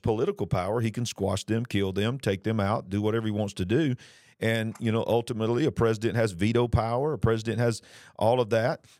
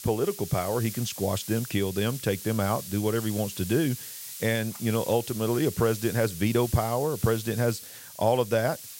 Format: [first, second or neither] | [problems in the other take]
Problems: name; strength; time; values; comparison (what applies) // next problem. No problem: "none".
first | hiss; noticeable; throughout; 10 dB below the speech